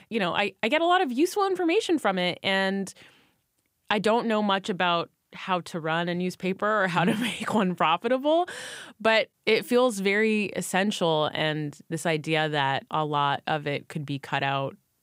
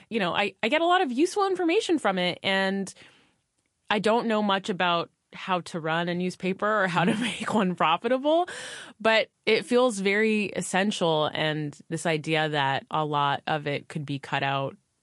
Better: first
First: none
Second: garbled, watery; slightly; nothing above 11 kHz

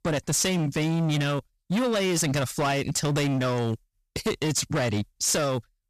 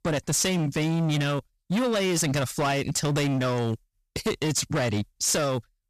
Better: neither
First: distortion; heavy; 23% of the sound clipped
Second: distortion; heavy; 23% of the sound clipped

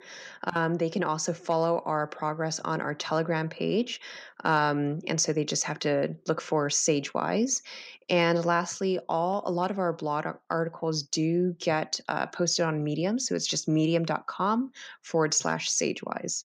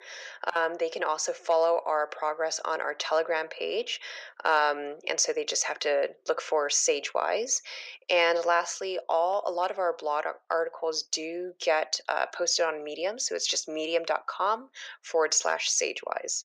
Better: first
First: none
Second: thin; very; fading below 450 Hz

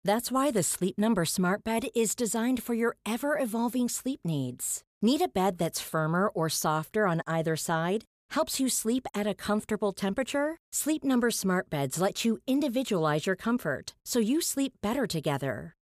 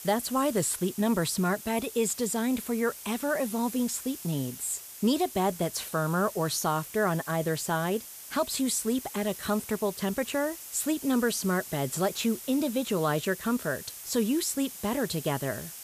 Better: first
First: none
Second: hiss; noticeable; throughout; 10 dB below the speech

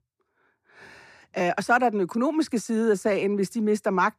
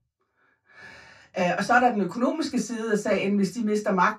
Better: first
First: none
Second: room echo; very slight; dies away in 0.2 s // off-mic speech; far

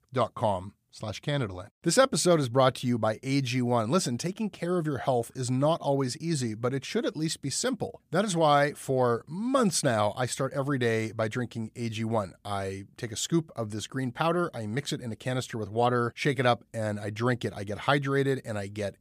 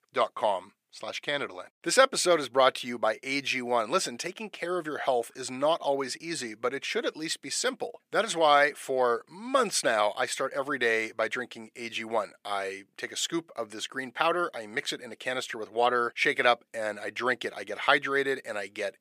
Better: first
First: none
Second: thin; somewhat; fading below 450 Hz

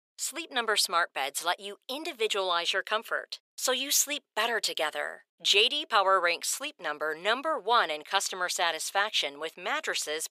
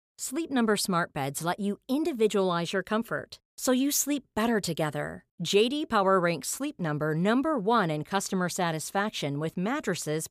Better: second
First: thin; very; fading below 500 Hz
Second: none

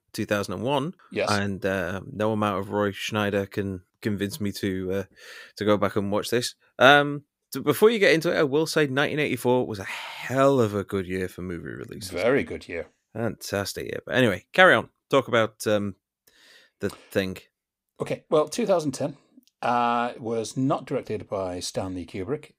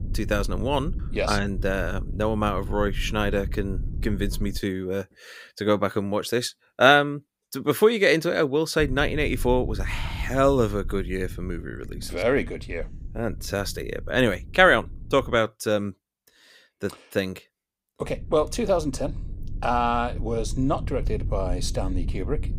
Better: first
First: none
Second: low rumble; faint; until 4.5 s, from 9 to 15 s and from 18 s on; 25 dB below the speech

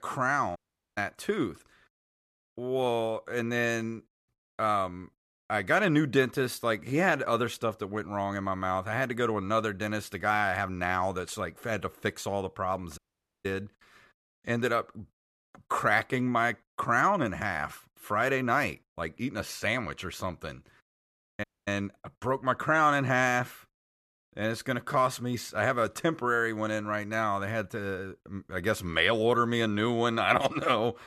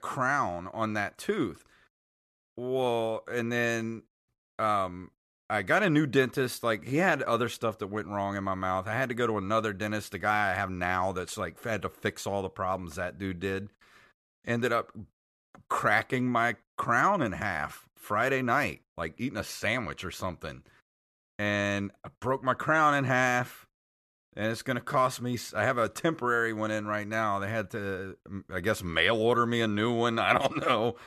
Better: second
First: audio cutting out; at 0.5 s, at 13 s and at 21 s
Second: none

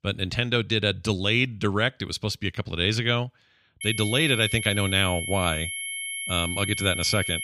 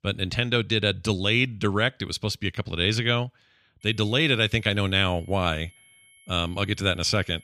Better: second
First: high-pitched whine; loud; from 4 s on; 2 kHz, 5 dB below the speech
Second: high-pitched whine; faint; from 4 s on; 2 kHz, 30 dB below the speech

